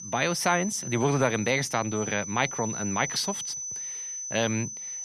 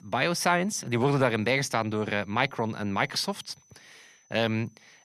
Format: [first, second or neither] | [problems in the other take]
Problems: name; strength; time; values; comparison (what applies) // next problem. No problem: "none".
second | high-pitched whine; loud; throughout; 6 kHz, 6 dB below the speech; faint in the second